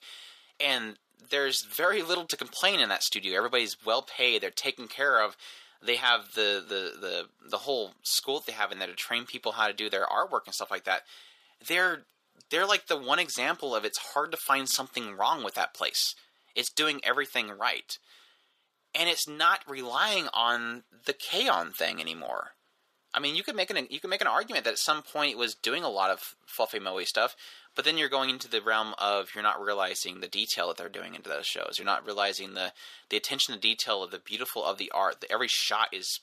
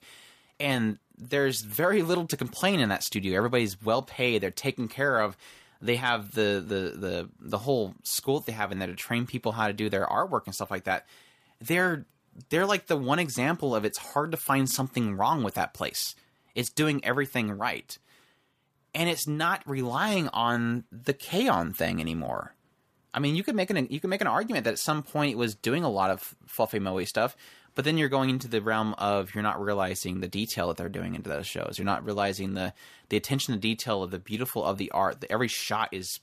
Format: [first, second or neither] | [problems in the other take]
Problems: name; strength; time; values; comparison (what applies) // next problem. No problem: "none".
second | thin; very; fading below 500 Hz